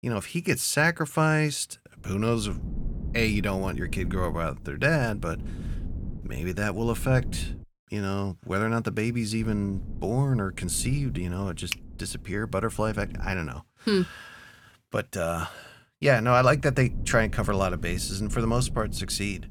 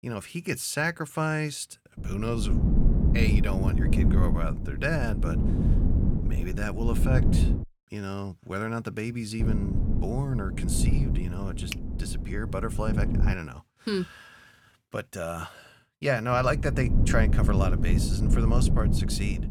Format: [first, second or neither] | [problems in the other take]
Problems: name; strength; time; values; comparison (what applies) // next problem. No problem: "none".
first | low rumble; loud; from 2 to 7.5 s, from 9.5 to 13 s and from 16 s on; 5 dB below the speech; faint in the first